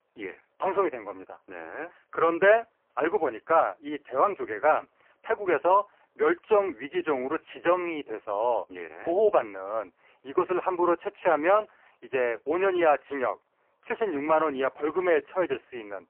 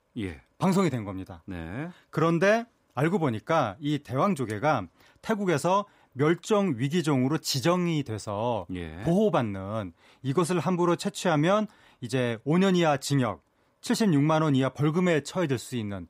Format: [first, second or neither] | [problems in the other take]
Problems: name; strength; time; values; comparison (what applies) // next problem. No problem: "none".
second | phone-call audio; poor line; nothing above 3 kHz